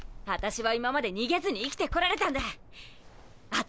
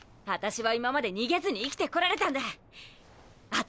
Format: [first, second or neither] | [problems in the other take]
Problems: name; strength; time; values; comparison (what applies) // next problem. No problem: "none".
second | background sound (Hands); 14 dB below the speech